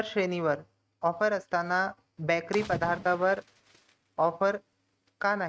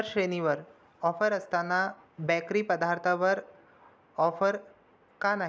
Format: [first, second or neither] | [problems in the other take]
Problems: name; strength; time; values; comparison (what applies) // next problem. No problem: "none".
second | noise reduction (neural mask model RNNoise)